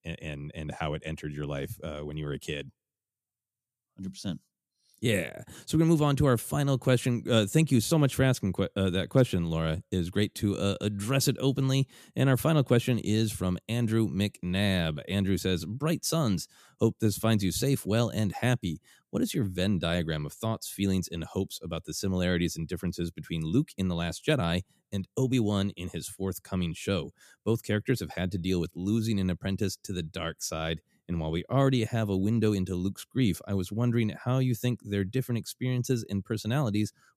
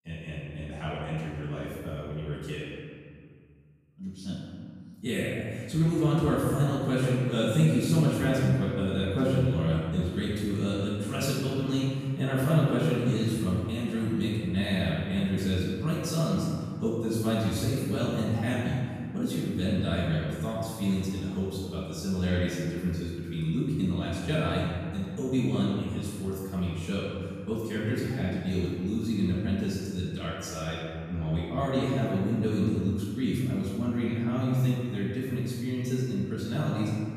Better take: first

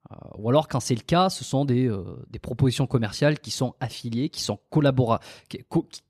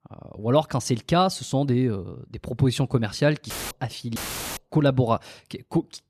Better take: first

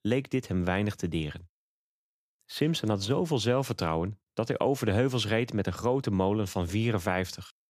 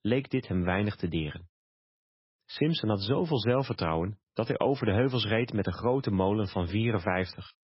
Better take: first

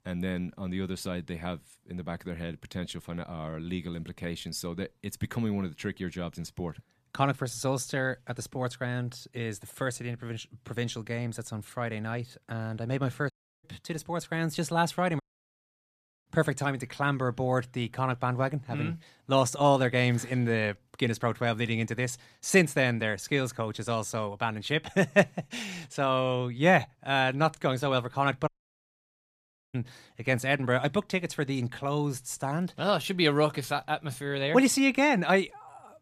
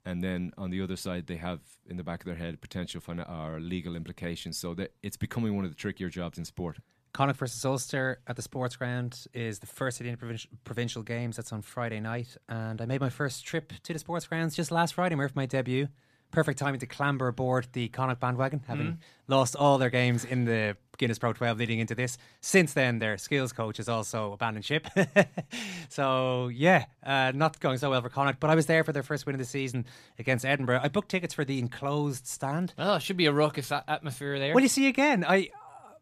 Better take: second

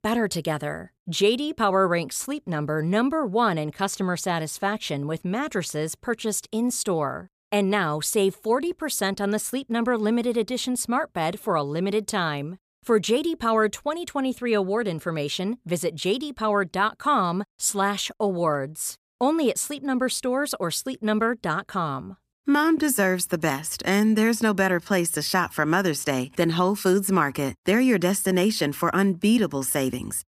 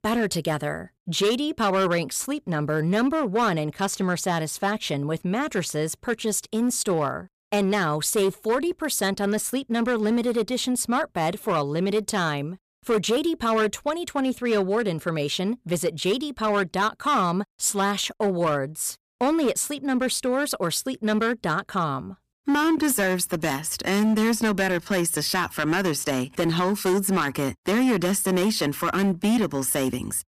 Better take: first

